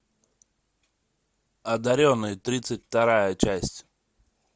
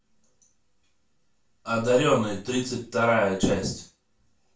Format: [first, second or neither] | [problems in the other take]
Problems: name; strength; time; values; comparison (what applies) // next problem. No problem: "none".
first | room echo; dies away in 0.3 s